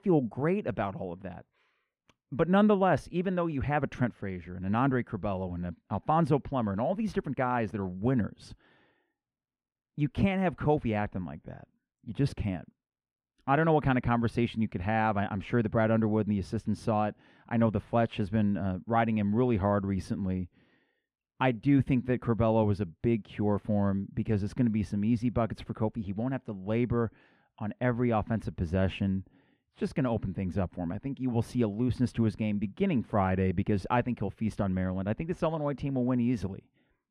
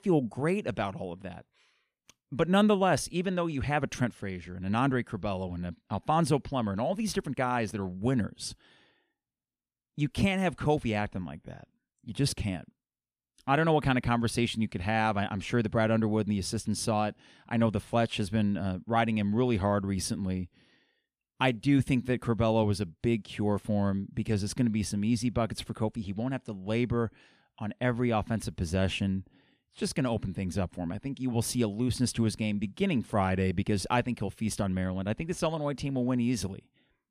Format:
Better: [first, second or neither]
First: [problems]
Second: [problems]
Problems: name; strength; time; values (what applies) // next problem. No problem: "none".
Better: second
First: muffled; very; fading above 3.5 kHz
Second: none